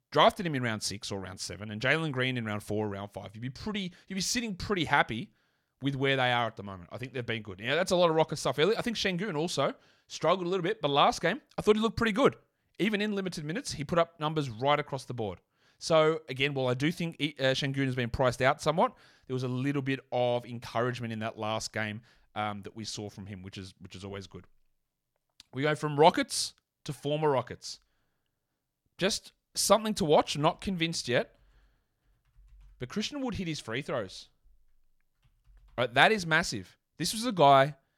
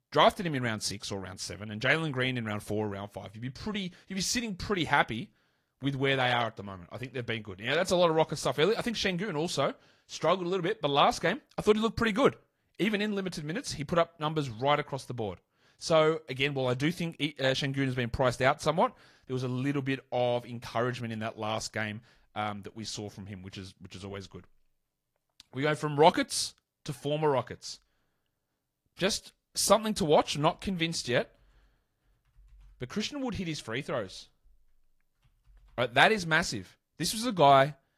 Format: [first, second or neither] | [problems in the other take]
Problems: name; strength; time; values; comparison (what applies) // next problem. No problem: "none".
first | garbled, watery; slightly